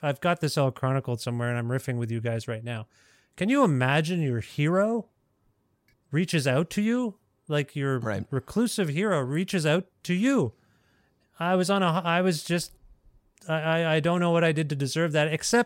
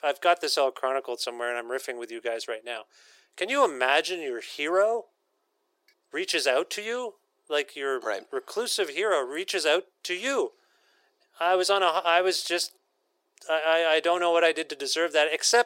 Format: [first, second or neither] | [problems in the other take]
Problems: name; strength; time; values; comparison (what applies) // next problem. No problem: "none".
first | thin; very; fading below 350 Hz